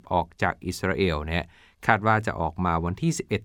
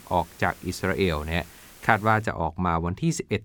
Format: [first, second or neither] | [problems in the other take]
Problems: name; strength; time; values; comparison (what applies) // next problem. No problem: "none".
first | hiss; faint; until 2 s; 20 dB below the speech